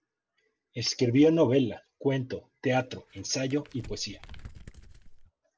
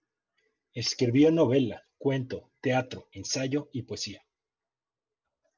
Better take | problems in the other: second | background sound (Crumpling, crinkling); 18 dB below the speech

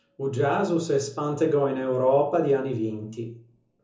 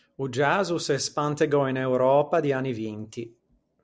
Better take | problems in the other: second | room echo; dies away in 0.7 s

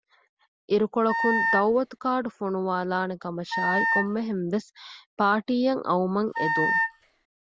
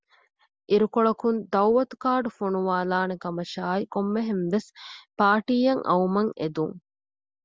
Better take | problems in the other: second | background sound (Wind instrument, woodwind instrument); as loud as the speech

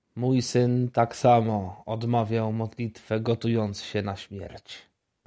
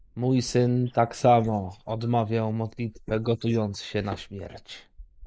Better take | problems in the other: first | noise reduction (neural mask model Resemble Enhance denoiser)

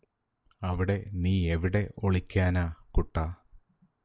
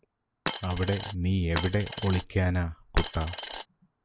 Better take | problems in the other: first | background sound (Coin (dropping)); 7 dB below the speech

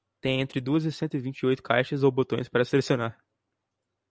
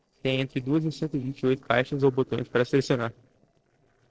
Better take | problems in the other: first | noise reduction (neural separator model SepFormer DNS4)

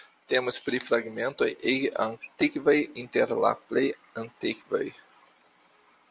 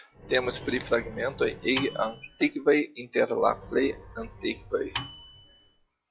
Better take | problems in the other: first | noise reduction (classical method log-MMSE)

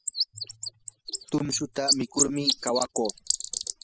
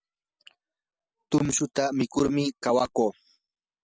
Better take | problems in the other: second | noise reduction (classical method spectral subtraction)

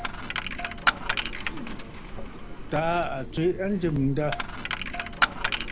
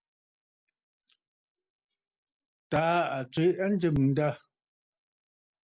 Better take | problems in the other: second | background sound (Coin (dropping)); as loud as the speech

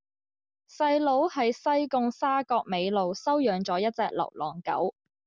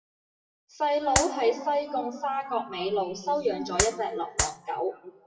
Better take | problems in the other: first | noise reduction (classical method WPE with log-MMSE)

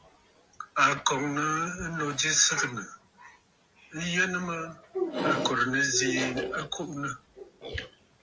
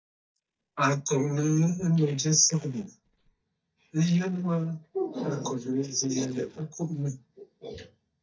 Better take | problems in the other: first | noise reduction (neural mask model DeepFilterNet 3)

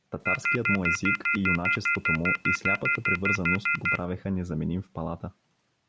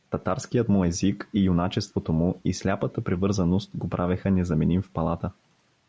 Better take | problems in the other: second | background sound (Telephone); 4 dB above the speech

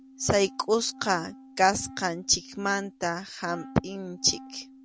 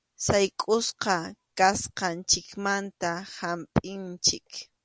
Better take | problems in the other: second | background sound (Wind instrument, woodwind instrument); 18 dB below the speech

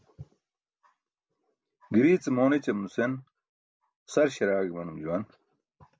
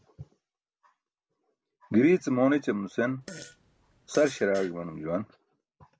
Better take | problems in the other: first | background sound (Fart); 17 dB below the speech

